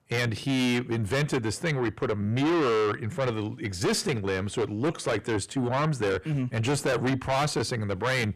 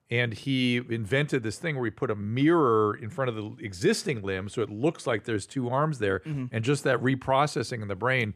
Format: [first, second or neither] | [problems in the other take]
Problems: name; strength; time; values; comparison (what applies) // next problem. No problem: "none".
second | distortion; heavy; 6 dB below the speech